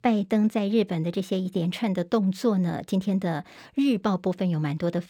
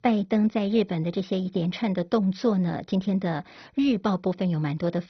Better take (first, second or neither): first